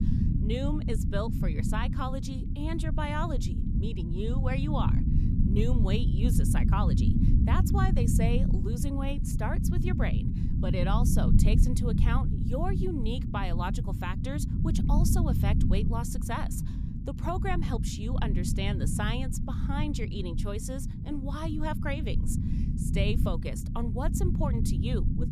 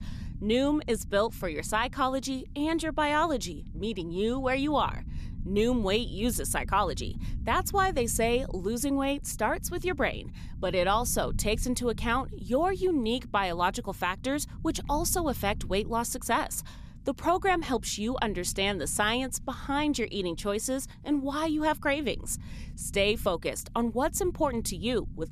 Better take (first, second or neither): second